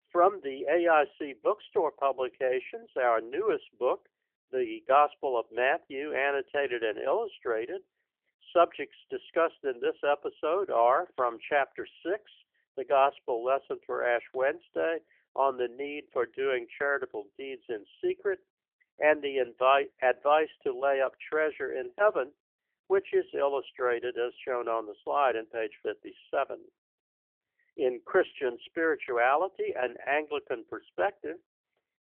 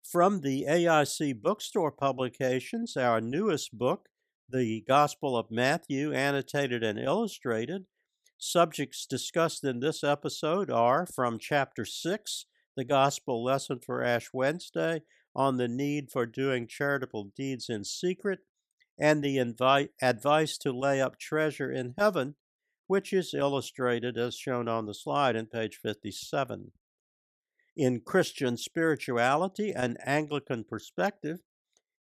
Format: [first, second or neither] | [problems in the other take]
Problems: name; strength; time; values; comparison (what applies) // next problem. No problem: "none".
second | phone-call audio; nothing above 3 kHz